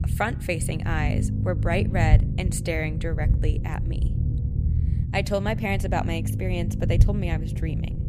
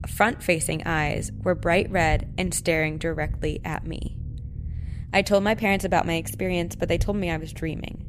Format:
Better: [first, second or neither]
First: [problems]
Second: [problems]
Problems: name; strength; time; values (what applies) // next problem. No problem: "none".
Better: second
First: low rumble; loud; throughout; 9 dB below the speech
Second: low rumble; faint; throughout; 25 dB below the speech